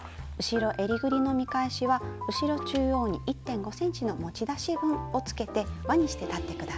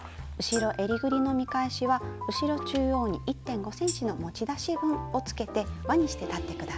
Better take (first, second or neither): first